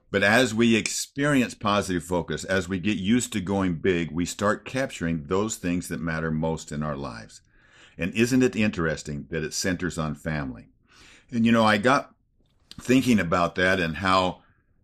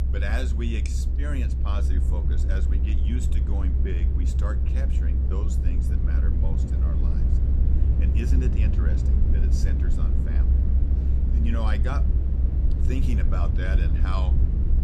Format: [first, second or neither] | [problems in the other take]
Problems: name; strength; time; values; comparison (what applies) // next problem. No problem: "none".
first | low rumble; loud; throughout; 2 dB below the speech